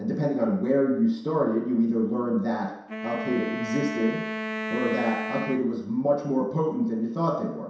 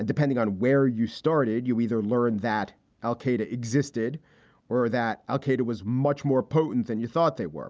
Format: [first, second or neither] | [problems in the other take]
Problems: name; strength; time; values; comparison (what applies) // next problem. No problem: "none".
second | background sound (Wind instrument, woodwind instrument); 7 dB below the speech // room echo; dies away in 0.7 s